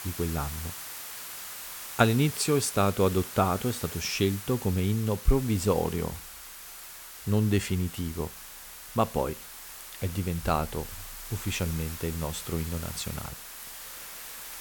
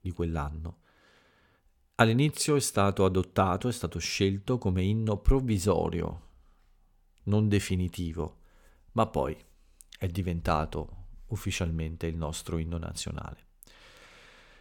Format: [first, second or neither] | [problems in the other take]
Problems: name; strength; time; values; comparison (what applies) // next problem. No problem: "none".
second | hiss; noticeable; throughout; 10 dB below the speech